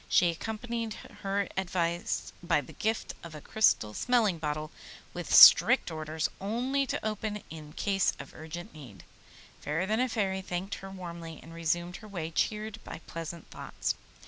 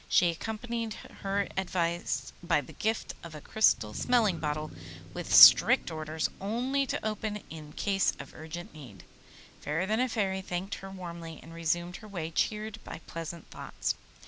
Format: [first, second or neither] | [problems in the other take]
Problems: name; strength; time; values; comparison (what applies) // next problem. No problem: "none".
first | background sound (Motor vehicle (road)); 19 dB below the speech